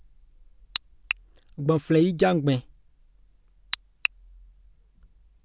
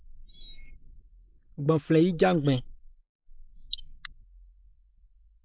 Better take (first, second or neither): first